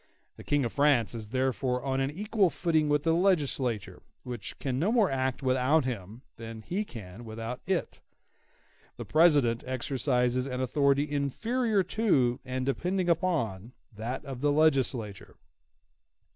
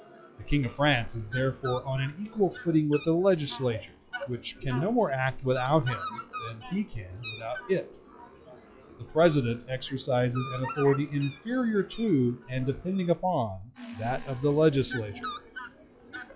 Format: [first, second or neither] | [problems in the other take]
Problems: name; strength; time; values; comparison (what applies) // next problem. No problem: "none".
first | noise reduction (classical method log-MMSE)